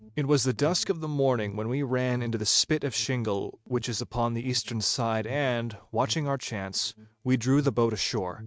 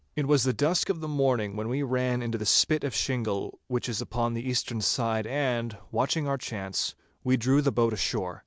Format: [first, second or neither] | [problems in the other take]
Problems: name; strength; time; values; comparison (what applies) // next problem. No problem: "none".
second | noise reduction (neural mask model RNNoise)